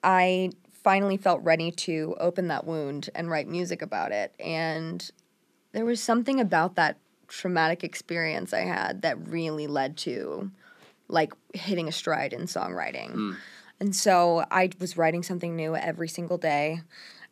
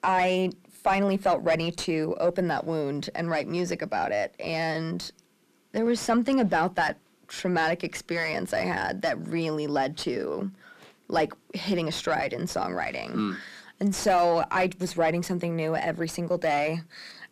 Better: first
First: none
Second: distortion; slight; 10 dB below the speech

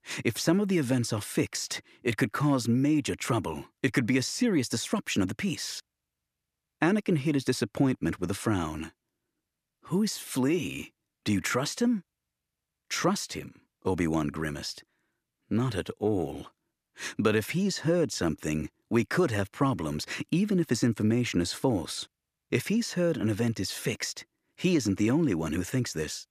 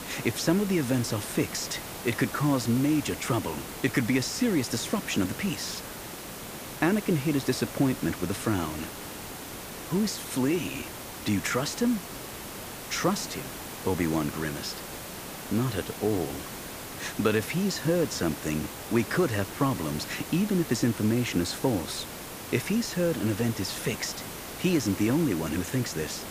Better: first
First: none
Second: hiss; loud; throughout; 9 dB below the speech

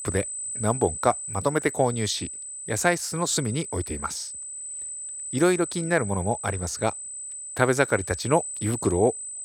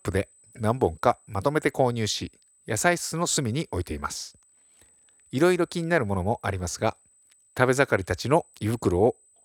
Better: second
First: high-pitched whine; loud; throughout; 8 kHz, 7 dB below the speech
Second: high-pitched whine; faint; throughout; 8 kHz, 30 dB below the speech

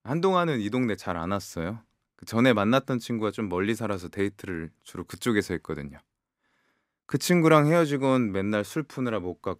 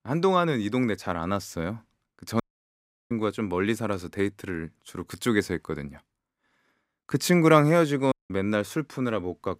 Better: first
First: none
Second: audio cutting out; at 2.5 s for 0.5 s and at 8 s

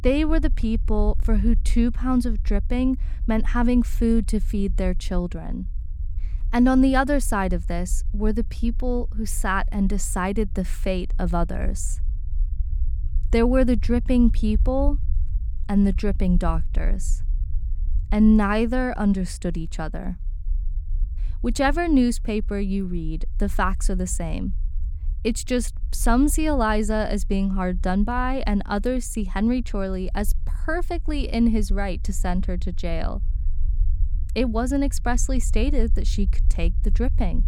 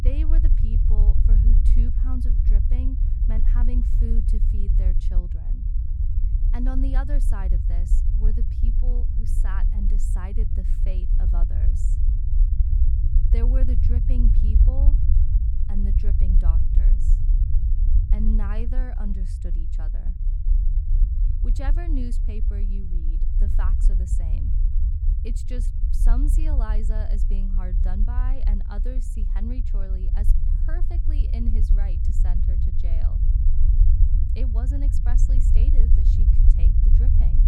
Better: first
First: low rumble; faint; throughout; 25 dB below the speech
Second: low rumble; loud; throughout; 2 dB below the speech

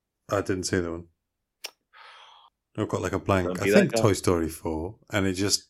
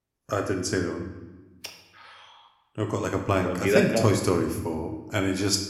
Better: first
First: none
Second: room echo; slight; dies away in 0.9 s

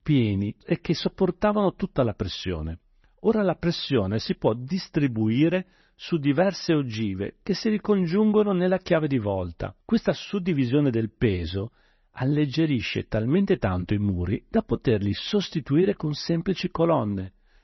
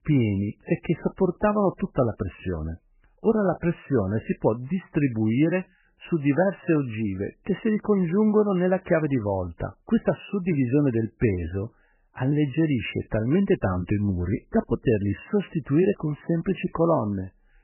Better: first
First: garbled, watery; slightly; nothing above 6 kHz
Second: garbled, watery; badly; nothing above 3 kHz

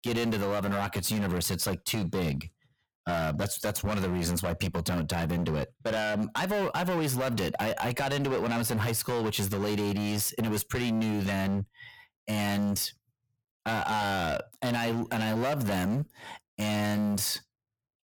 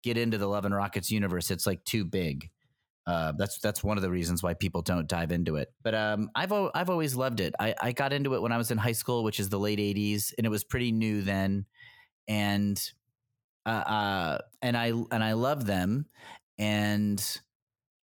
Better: second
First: distortion; heavy; 22% of the sound clipped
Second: none

